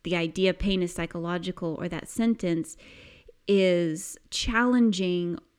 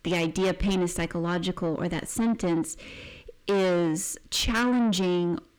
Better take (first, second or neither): first